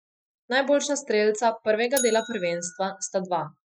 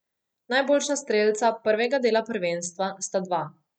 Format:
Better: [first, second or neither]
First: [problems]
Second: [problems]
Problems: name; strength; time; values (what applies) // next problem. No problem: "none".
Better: second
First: noise reduction (classical method Wiener filter)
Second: none